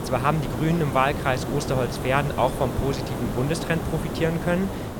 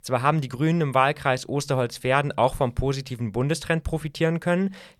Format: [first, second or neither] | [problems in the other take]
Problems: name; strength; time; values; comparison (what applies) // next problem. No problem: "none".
second | hiss; loud; throughout; 5 dB below the speech